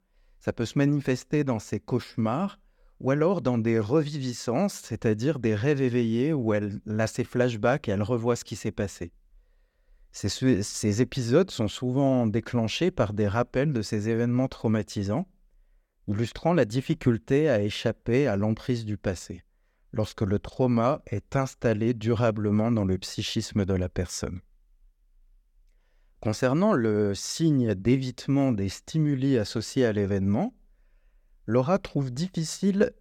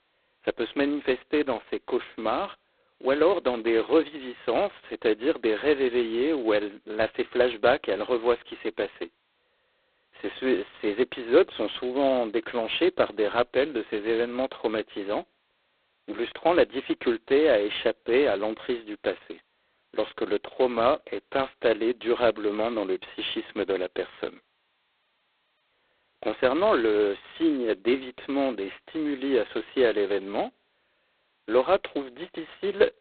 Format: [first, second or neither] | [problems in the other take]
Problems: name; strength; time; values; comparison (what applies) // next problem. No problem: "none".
first | phone-call audio; poor line; nothing above 4 kHz